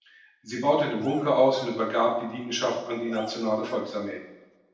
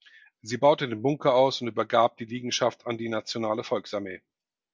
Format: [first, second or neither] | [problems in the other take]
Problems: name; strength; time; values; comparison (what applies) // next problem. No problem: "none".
second | noise reduction (neural separator model SepFormer DNS4)